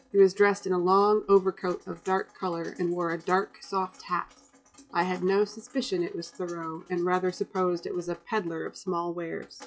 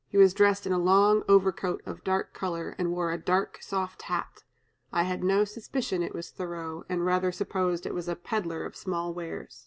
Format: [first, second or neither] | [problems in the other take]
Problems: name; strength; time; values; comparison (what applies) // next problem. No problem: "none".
second | noise reduction (classical method log-MMSE)